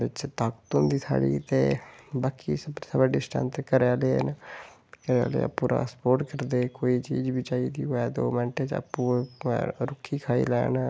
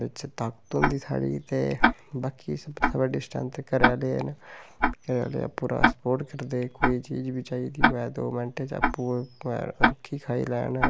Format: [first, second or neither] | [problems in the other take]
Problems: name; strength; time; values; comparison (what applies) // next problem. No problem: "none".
first | background sound (Tick-tock); 1 dB above the speech